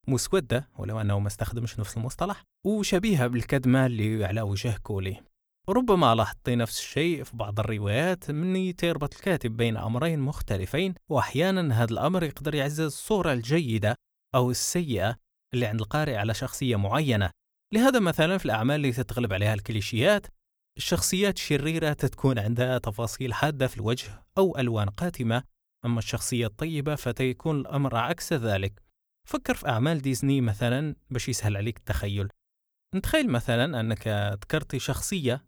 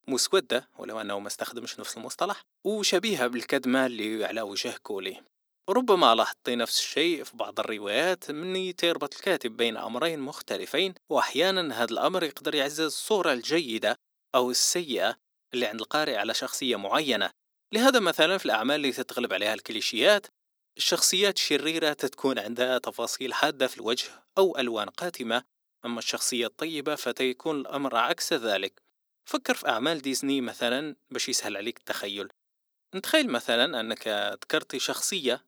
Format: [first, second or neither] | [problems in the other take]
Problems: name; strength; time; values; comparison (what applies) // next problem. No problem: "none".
first | thin; somewhat; fading below 250 Hz